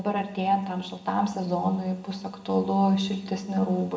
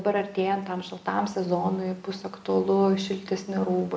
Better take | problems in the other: second | room echo; dies away in 0.8 s

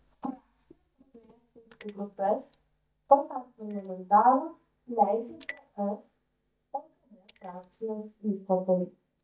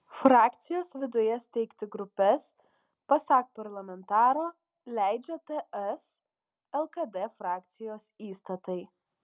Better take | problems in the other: second | noise reduction (neural mask model DeepFilterNet 3)

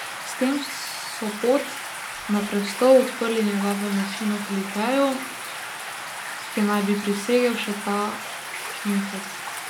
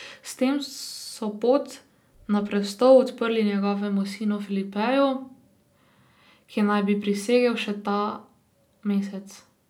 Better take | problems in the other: second | background sound (Stream); 8 dB below the speech

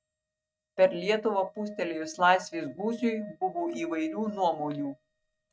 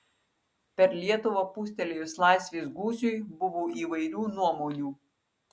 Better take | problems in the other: second | noise reduction (neural mask model RNNoise)

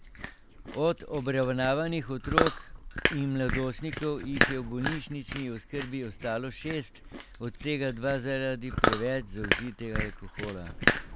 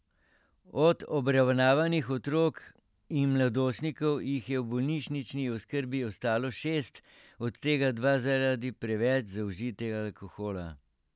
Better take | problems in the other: second | background sound (Chewing, mastication); 1 dB below the speech

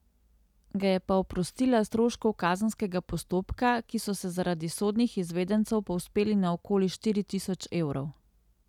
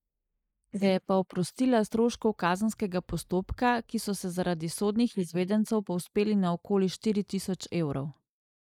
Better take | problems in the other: first | noise reduction (neural mask model Resemble Enhance denoiser)

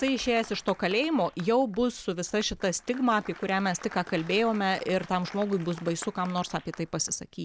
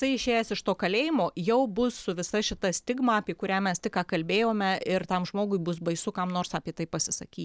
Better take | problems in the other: second | background sound (Applause); 19 dB below the speech

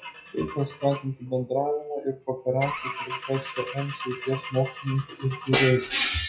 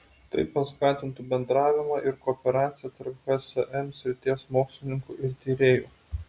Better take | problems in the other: second | noise reduction (classical method WPE with log-MMSE)

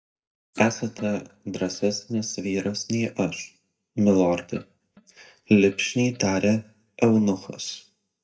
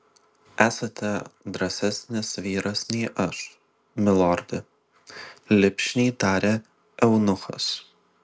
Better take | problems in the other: second | noise reduction (neural mask model DeepFilterNet 3)

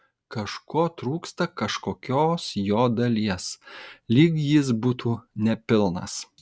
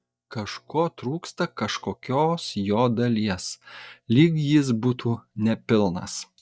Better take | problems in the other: first | noise reduction (neural mask model DeepFilterNet 3)

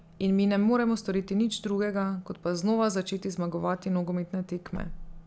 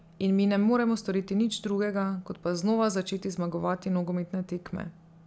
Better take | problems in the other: second | background sound (Wind / Car); 19 dB below the speech

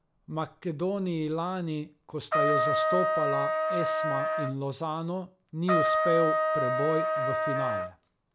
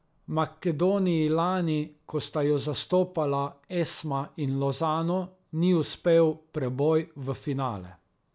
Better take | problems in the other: second | background sound (Trumpet); 4 dB above the speech

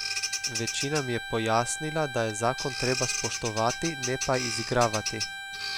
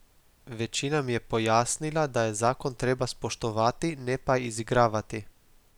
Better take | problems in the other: second | background sound (Bowed string instrument + Bird vocalization, bird call, bird song); 4 dB below the speech

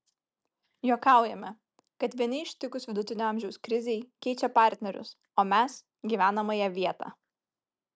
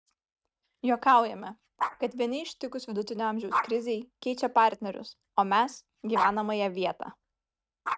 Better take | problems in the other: first | noise reduction (neural mask model RNNoise)

